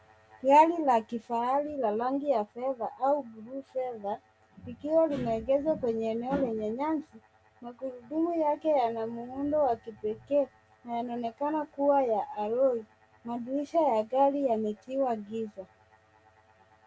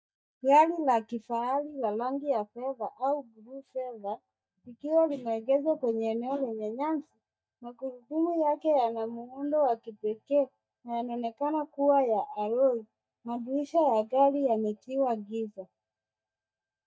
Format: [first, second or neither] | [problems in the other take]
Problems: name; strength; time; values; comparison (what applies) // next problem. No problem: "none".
first | noise reduction (neural mask model DeepFilterNet 3)